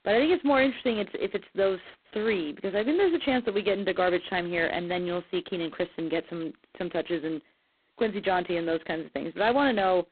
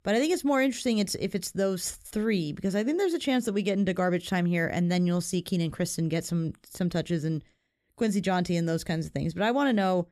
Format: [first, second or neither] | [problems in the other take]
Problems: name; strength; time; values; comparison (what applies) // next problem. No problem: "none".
second | phone-call audio; poor line; nothing above 4 kHz